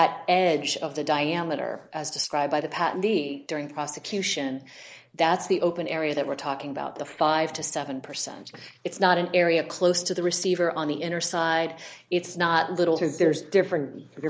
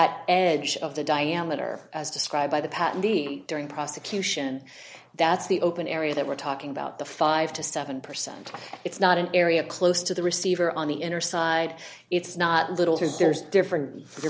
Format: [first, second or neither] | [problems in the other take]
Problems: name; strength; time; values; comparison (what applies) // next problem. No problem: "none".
second | noise reduction (neural mask model Resemble Enhance denoiser)